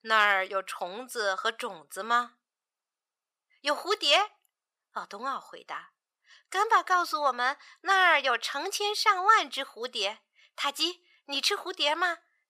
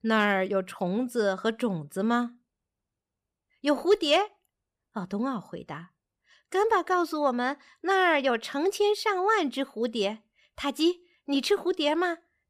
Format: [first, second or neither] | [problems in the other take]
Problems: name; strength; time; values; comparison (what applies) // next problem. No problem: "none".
second | thin; very; fading below 850 Hz